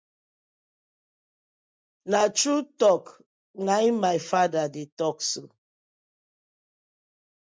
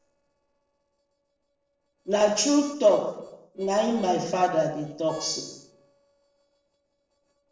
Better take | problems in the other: first | noise reduction (neural separator model SepFormer DNS4)

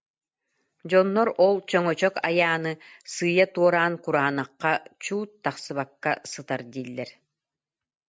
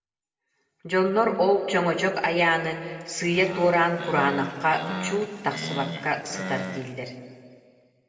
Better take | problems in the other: first | background sound (Animal); 9 dB below the speech // room echo; dies away in 1.9 s

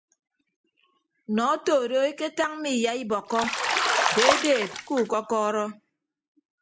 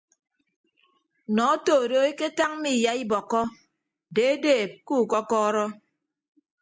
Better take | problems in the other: second | background sound (Bathtub (filling or washing)); 1 dB above the speech

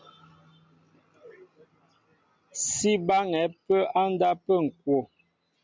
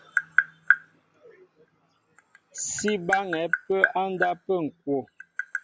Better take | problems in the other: first | background sound (Tap); as loud as the speech

